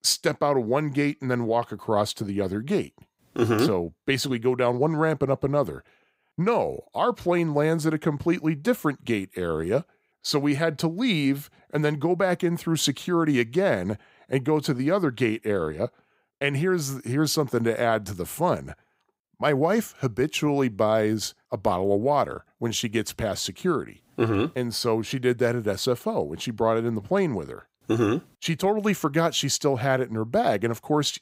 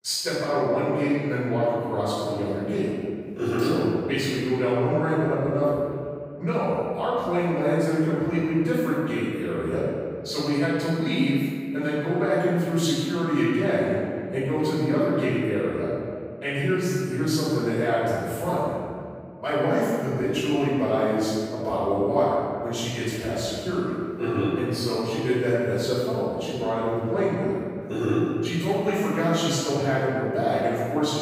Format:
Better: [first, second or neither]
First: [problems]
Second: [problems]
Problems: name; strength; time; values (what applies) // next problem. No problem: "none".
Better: first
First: none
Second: off-mic speech; far // room echo; strong; dies away in 1.9 s